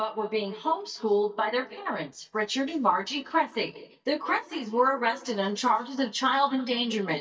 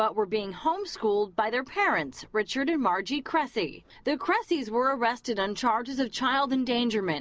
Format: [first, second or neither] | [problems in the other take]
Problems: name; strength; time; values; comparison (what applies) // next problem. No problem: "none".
second | noise reduction (neural mask model DeepFilterNet 3)